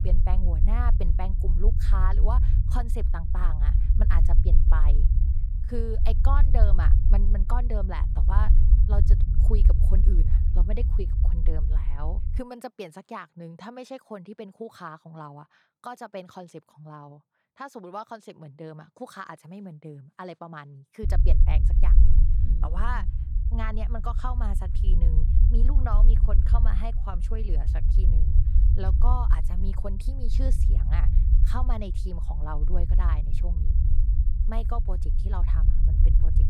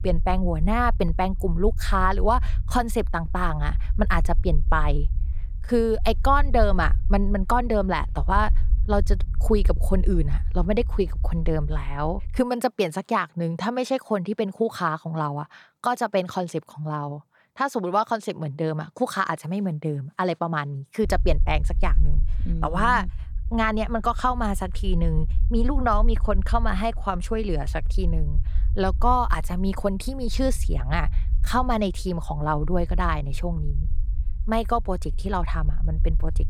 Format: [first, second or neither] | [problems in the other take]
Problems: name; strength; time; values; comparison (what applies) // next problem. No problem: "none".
second | low rumble; loud; until 12 s and from 21 s on; 6 dB below the speech; faint in the second